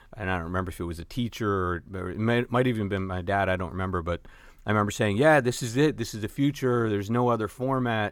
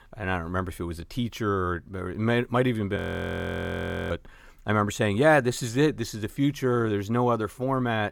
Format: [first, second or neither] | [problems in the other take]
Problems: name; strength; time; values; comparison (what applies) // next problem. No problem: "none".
first | audio freezing; at 3 s for 1 s